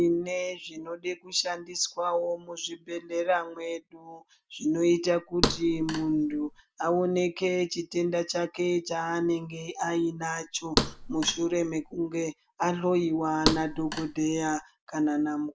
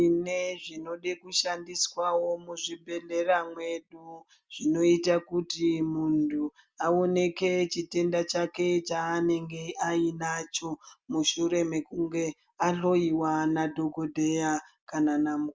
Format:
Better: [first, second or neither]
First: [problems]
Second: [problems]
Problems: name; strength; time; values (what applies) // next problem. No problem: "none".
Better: second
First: background sound (Thump, thud); 4 dB below the speech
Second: none